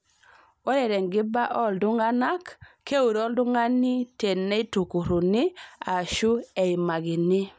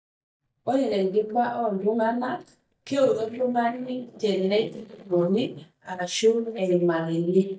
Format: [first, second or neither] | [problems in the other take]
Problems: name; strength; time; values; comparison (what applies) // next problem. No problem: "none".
first | noise reduction (neural mask model DeepFilterNet 3)